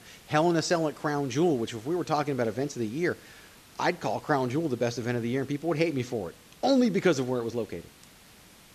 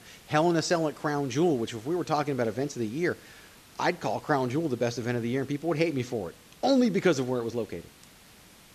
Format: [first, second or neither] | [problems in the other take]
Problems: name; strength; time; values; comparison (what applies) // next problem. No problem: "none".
neither | hiss; faint; throughout; 25 dB below the speech; the same in both